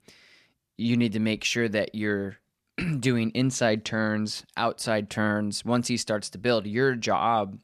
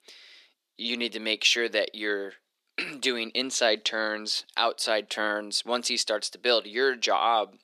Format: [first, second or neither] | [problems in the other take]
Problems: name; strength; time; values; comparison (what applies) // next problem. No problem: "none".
first | thin; somewhat; fading below 350 Hz